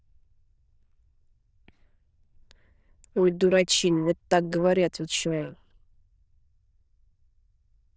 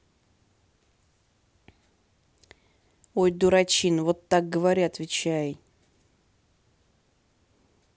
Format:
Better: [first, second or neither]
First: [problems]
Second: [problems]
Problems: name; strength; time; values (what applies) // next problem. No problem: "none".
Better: second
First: noise reduction (neural diffusion model UNIVERSE++)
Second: none